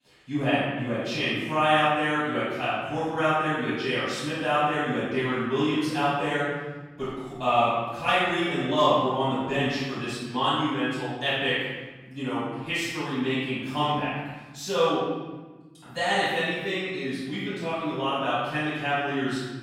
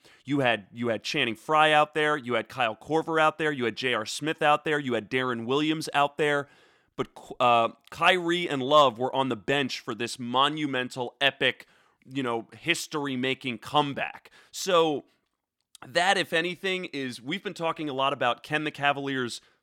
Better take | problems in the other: second | off-mic speech; far // room echo; strong; dies away in 1.5 s

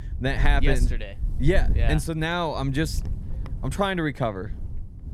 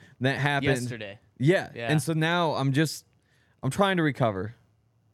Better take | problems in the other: second | wind noise on the microphone; occasional gusts; 20 dB below the speech

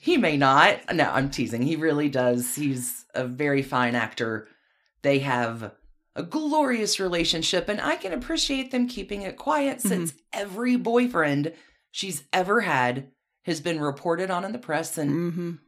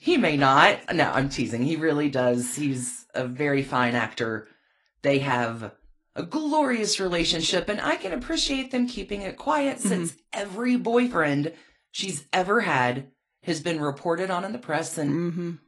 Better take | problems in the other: first | garbled, watery; slightly; nothing above 10.5 kHz

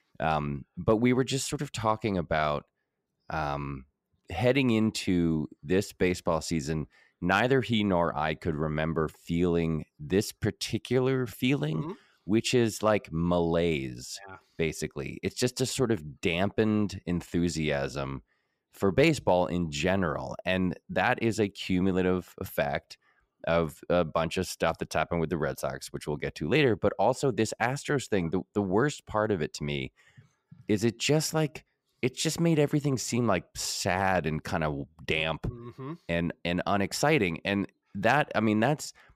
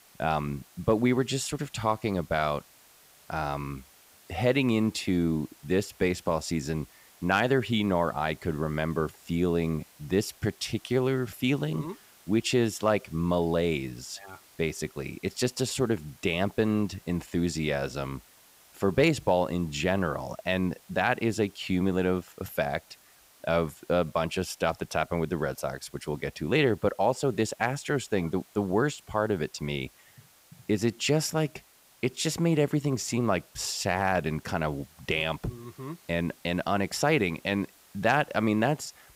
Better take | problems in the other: first | hiss; faint; throughout; 25 dB below the speech

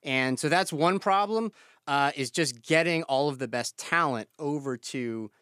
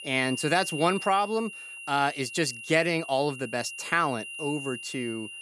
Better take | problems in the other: first | high-pitched whine; loud; throughout; 3 kHz, 9 dB below the speech

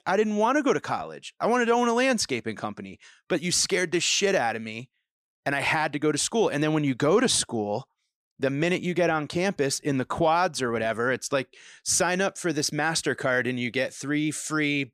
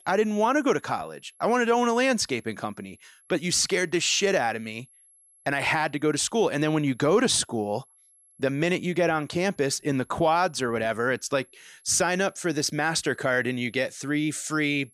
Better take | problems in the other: first | high-pitched whine; faint; throughout; 11 kHz, 30 dB below the speech

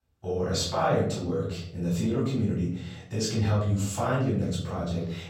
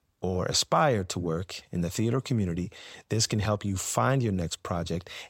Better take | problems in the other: second | off-mic speech; far // room echo; noticeable; dies away in 0.8 s

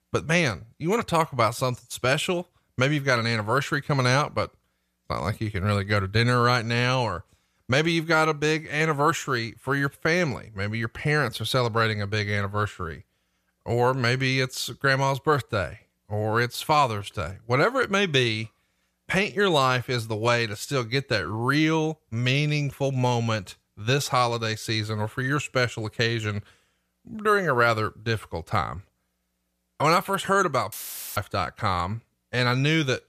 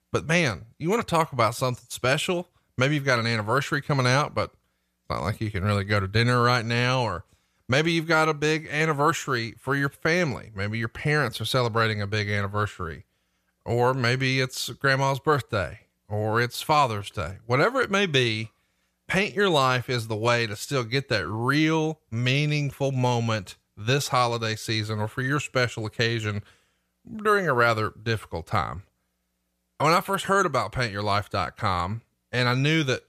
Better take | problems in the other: second | audio cutting out; filled with static; at 31 s

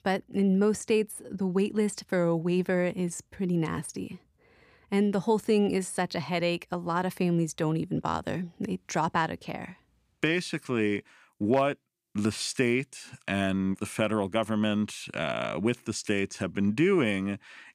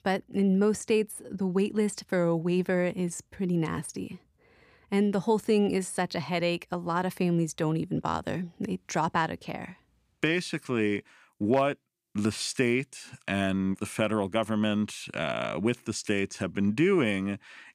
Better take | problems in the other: neither | none

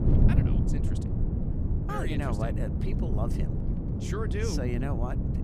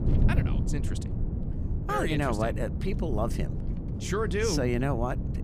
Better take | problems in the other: second | wind noise on the microphone; heavy; 2 dB below the speech; occasional gusts in the second

